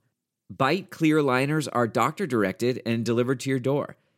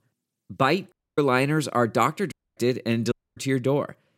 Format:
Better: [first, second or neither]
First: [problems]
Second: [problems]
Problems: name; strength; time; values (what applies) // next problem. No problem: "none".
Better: first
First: none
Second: audio cutting out; at 1 s, at 2.5 s and at 3 s